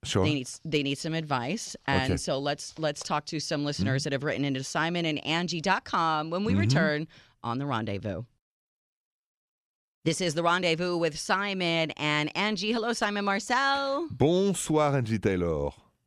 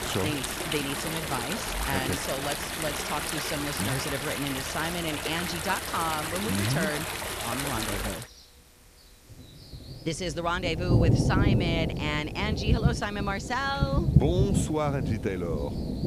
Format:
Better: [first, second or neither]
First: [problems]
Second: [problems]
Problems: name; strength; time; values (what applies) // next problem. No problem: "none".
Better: first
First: none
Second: rain or running water; very loud; throughout; 2 dB above the speech